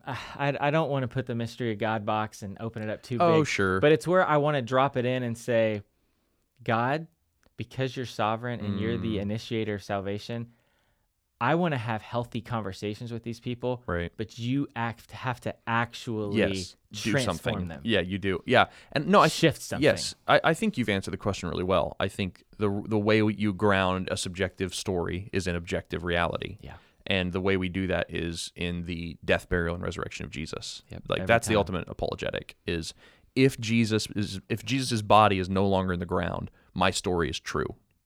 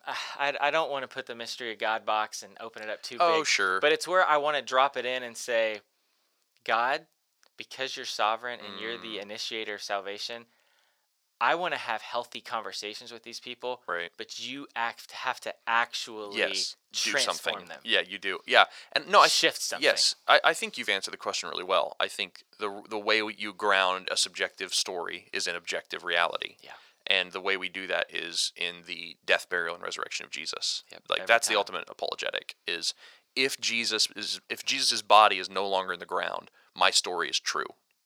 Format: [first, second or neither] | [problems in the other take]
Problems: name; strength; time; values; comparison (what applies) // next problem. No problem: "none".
first | thin; very; fading below 700 Hz